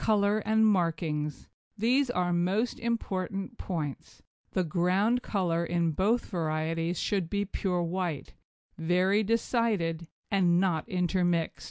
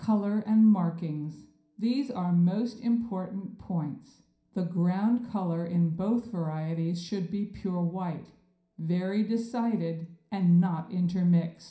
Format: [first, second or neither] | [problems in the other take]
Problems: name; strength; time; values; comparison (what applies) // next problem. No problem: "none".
first | room echo; dies away in 0.5 s